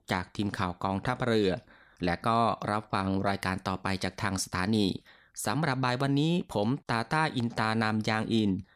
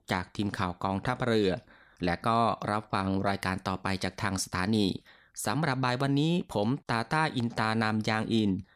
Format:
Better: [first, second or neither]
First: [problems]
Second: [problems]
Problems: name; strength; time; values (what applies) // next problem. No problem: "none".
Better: neither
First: none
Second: none